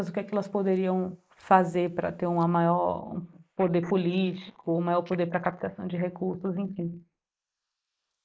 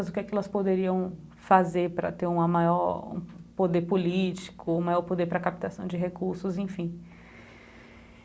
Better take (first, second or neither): second